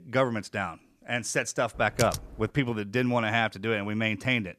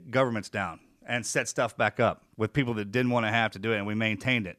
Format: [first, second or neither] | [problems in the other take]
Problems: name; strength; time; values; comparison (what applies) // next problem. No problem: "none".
second | keyboard typing; noticeable; at 2 s; peak 6 dB below the speech